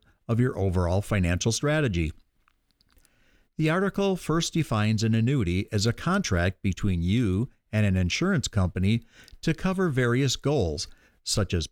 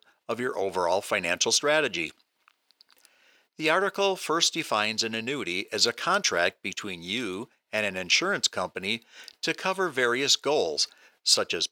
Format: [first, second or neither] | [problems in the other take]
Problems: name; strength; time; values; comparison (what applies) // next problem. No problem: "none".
first | thin; very; fading below 550 Hz